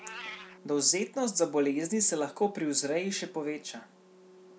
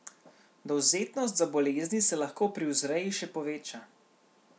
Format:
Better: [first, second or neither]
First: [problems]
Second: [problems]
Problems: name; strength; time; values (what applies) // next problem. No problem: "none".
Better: second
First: background sound (Organ + Meow); 20 dB below the speech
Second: none